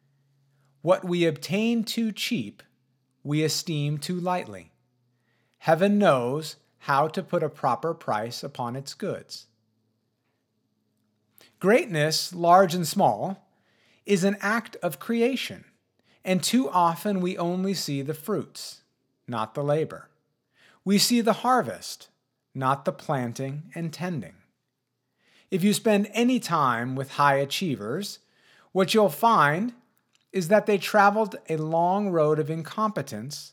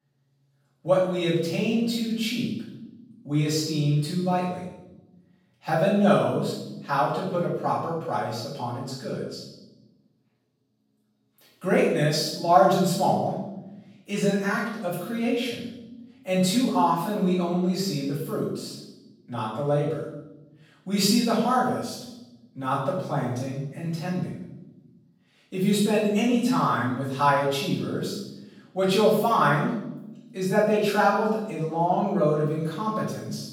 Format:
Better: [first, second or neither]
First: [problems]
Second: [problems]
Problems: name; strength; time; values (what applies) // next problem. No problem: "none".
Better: first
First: none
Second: room echo; noticeable; dies away in 0.9 s // off-mic speech; far